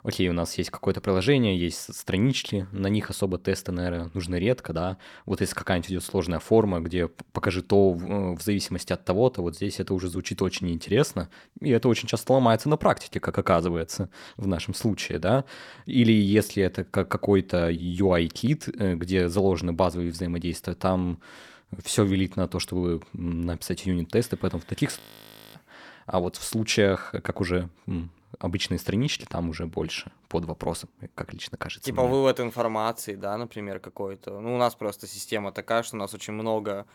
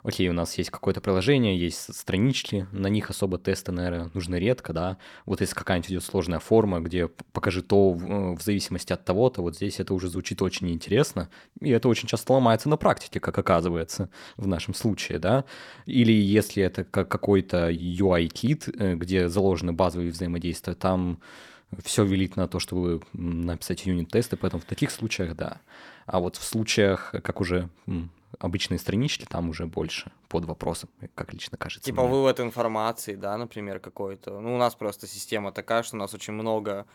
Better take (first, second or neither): second